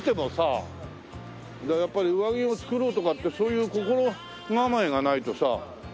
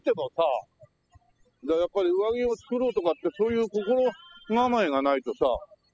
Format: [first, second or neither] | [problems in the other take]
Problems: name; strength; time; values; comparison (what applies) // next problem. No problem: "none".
first | noise reduction (classical method spectral subtraction)